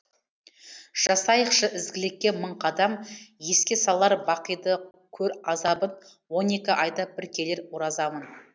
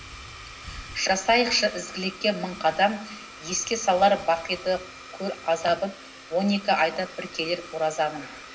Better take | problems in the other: first | background sound (Domestic sounds, home sounds); 16 dB below the speech // room echo; dies away in 0.4 s

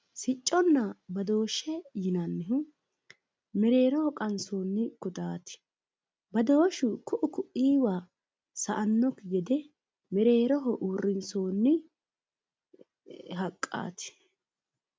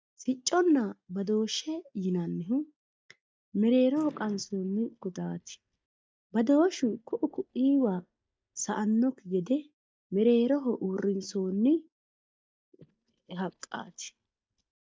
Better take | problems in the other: first | noise reduction (neural mask model DeepFilterNet 3)

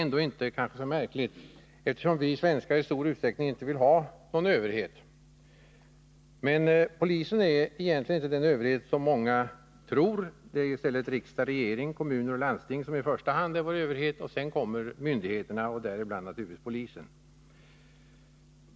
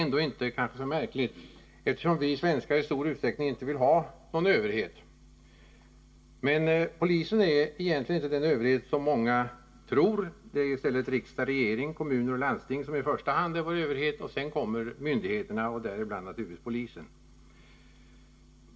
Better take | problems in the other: first | room echo; dies away in 0.2 s

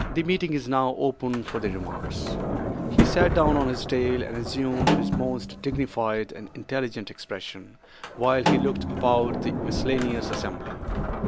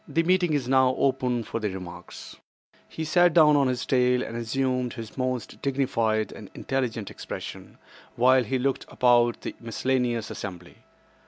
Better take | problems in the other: second | background sound (Sliding door + Snare drum); 1 dB below the speech

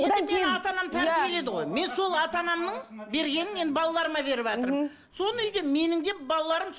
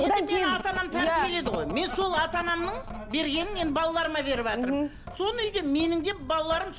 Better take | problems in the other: first | background sound (Drip / Sink (filling or washing) + Telephone); 13 dB below the speech

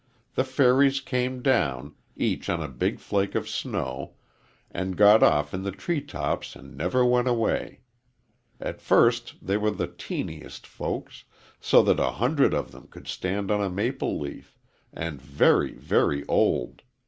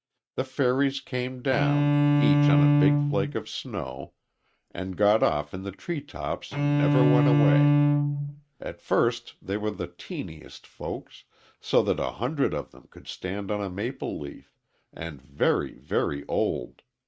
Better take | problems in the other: first | noise reduction (neural mask model RNNoise)

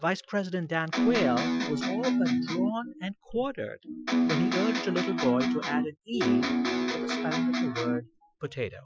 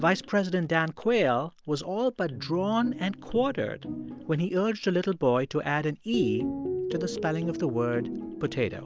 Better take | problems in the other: second | noise reduction (classical method Wiener filter)

